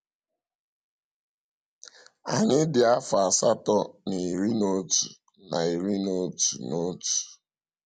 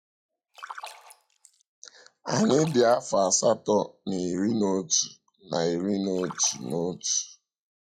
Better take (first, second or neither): first